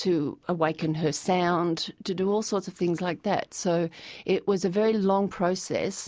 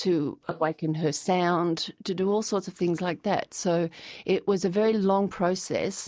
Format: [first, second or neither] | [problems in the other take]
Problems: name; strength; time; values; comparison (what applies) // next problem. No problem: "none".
first | noise reduction (neural mask model DeepFilterNet 3)